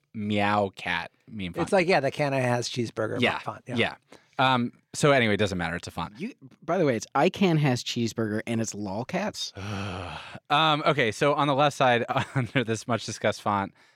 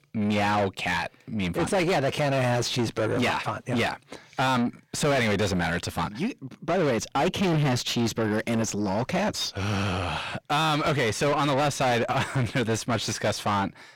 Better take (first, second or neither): first